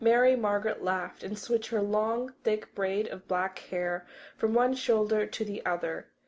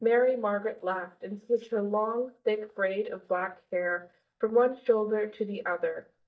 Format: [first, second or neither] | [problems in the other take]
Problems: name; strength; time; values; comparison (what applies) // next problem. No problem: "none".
first | noise reduction (neural mask model DeepFilterNet 3)